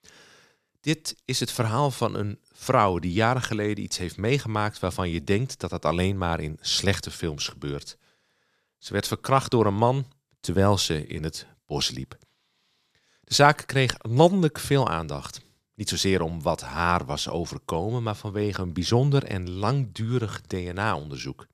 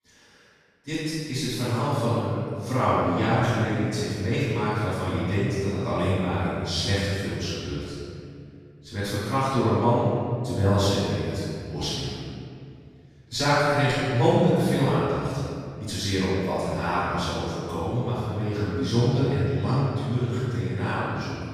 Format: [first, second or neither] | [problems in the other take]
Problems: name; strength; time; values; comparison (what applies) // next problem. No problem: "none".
first | off-mic speech; far // room echo; strong; dies away in 2.3 s